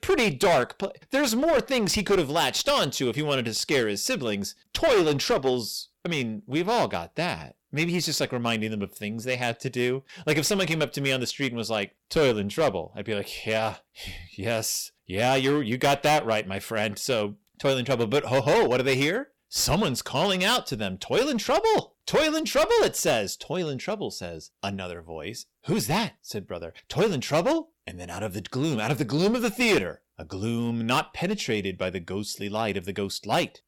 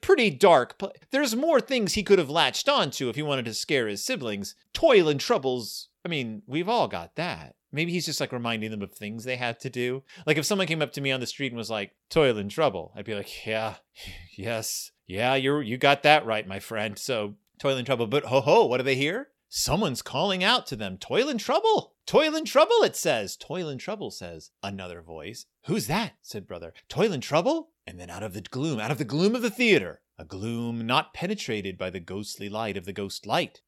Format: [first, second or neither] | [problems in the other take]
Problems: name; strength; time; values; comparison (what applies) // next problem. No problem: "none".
second | distortion; heavy; 8% of the sound clipped